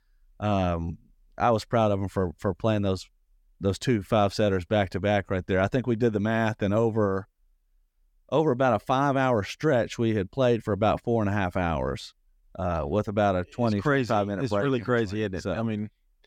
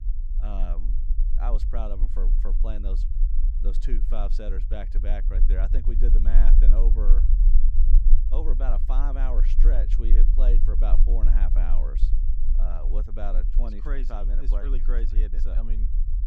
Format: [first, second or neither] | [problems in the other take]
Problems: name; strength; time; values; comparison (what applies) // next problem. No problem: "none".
first | low rumble; loud; throughout; 9 dB below the speech